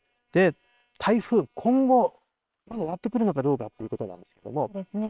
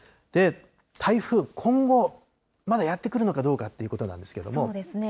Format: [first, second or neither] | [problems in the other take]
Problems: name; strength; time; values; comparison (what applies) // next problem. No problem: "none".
second | noise reduction (neural separator model SepFormer WHAM!)